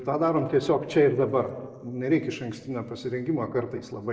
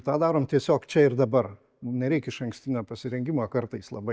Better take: second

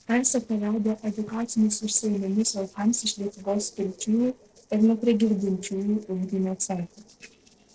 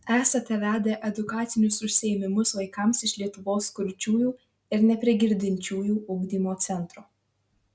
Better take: second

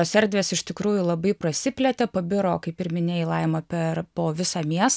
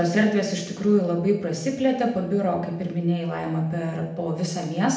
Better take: first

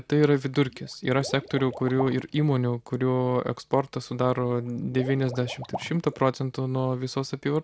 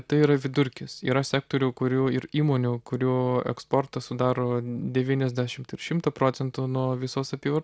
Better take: second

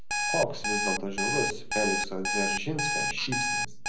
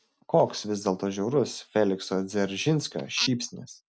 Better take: second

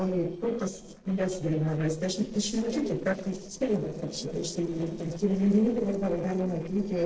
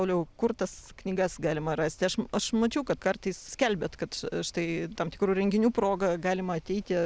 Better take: second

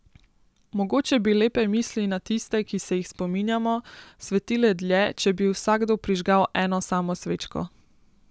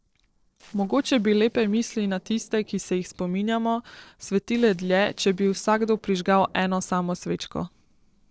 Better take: first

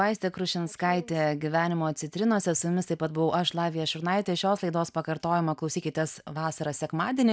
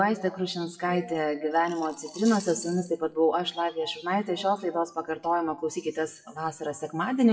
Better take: first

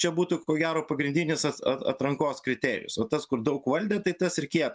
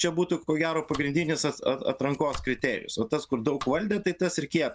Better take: first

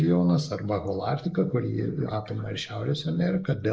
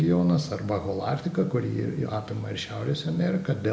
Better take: second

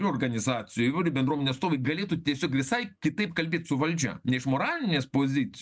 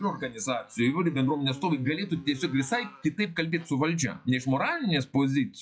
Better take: first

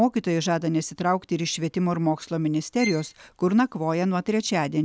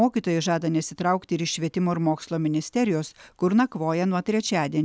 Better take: second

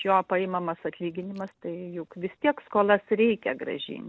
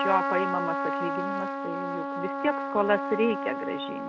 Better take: first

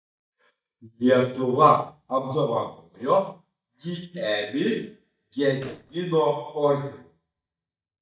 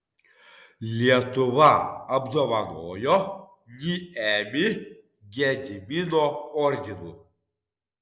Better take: second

